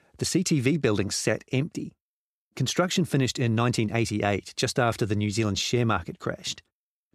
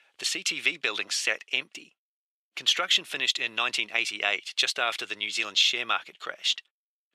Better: first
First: none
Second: thin; very; fading below 750 Hz

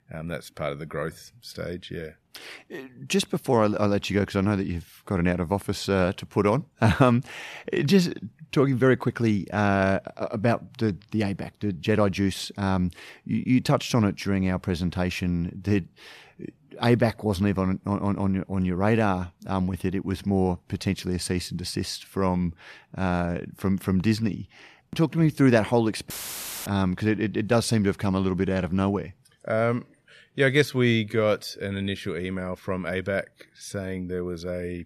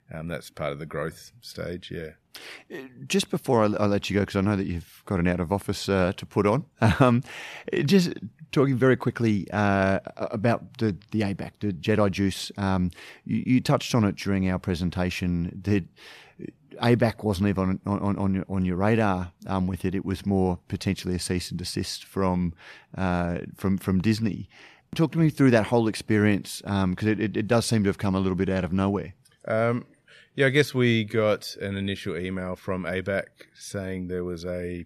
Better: second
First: audio cutting out; filled with static; at 26 s for 0.5 s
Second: none

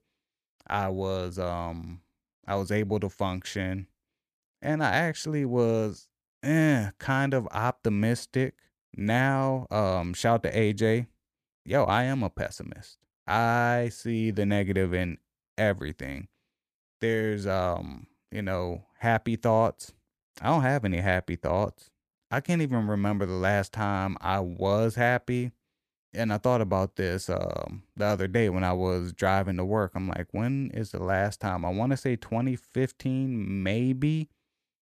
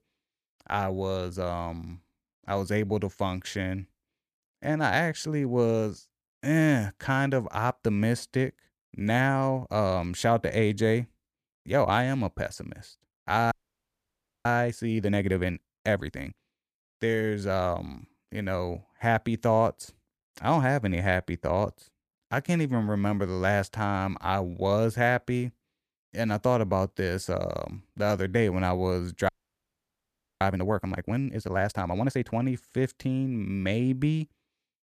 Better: first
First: none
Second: audio freezing; at 14 s for 1 s and at 29 s for 1 s

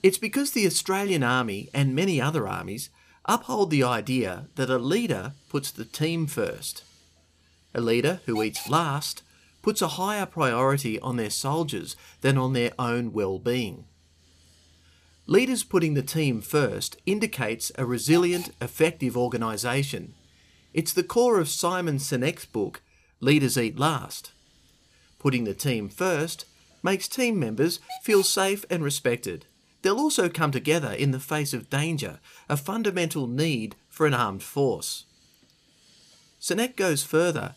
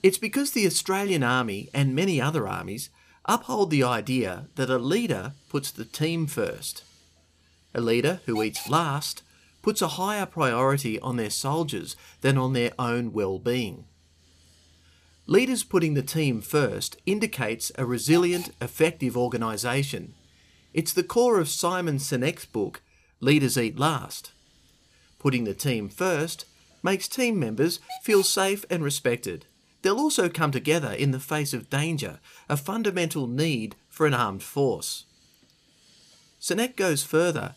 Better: neither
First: hiss; faint; throughout; 25 dB below the speech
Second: hiss; faint; throughout; 25 dB below the speech

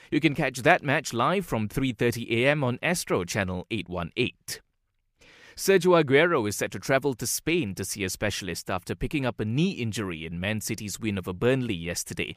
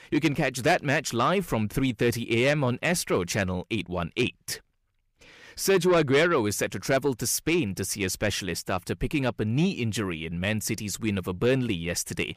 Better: first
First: none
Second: distortion; slight; 10 dB below the speech

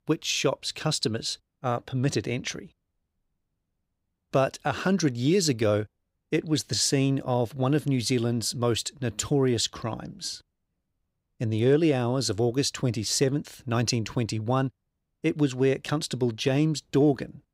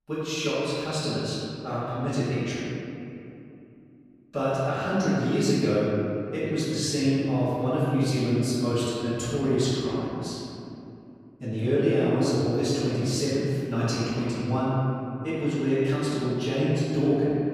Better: first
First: none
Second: off-mic speech; far // room echo; strong; dies away in 2.7 s

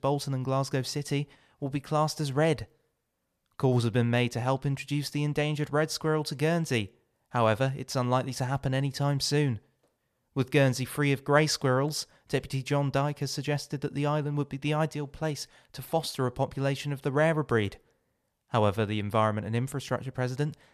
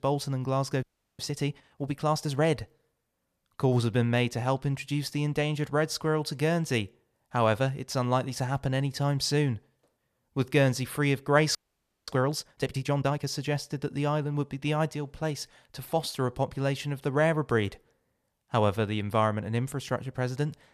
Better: first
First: none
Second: audio freezing; at 1 s and at 12 s for 0.5 s

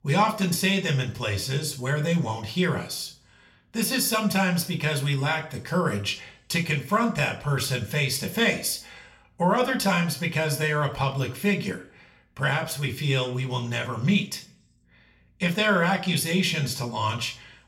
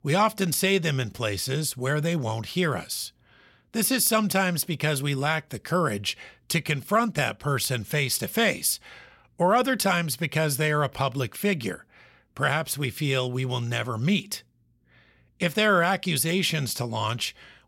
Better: second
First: room echo; very slight; dies away in 0.4 s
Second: none

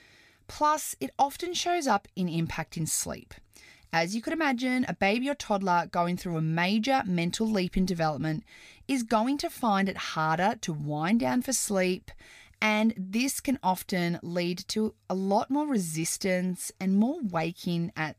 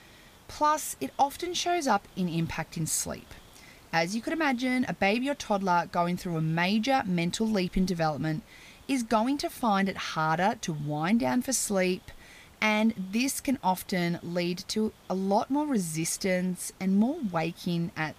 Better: first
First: none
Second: hiss; faint; throughout; 25 dB below the speech

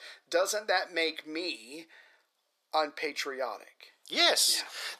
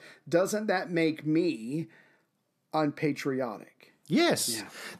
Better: second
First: thin; very; fading below 550 Hz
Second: none

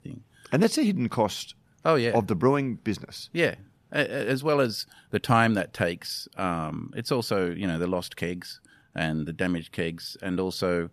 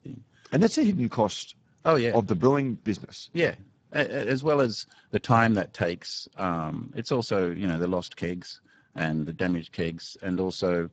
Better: first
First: none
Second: garbled, watery; badly; nothing above 7.5 kHz

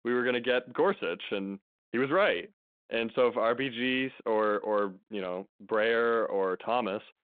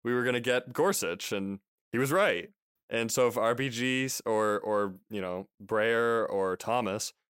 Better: second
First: phone-call audio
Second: none

